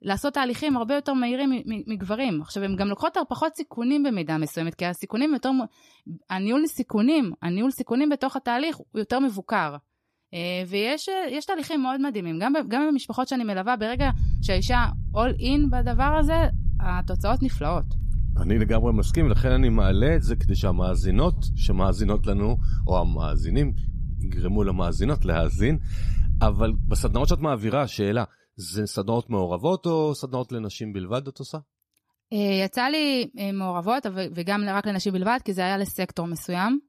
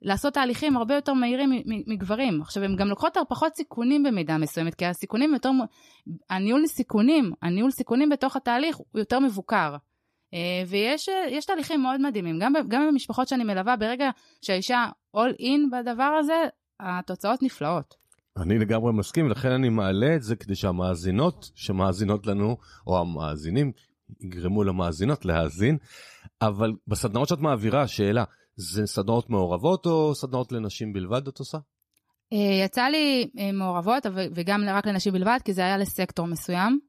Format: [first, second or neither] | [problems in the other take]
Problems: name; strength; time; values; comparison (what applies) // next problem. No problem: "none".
second | low rumble; noticeable; from 14 to 27 s; 20 dB below the speech